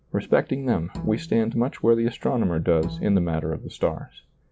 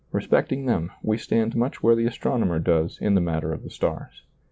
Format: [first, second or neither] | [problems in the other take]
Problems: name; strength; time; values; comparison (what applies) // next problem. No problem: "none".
second | background sound (Bowed string instrument); 14 dB below the speech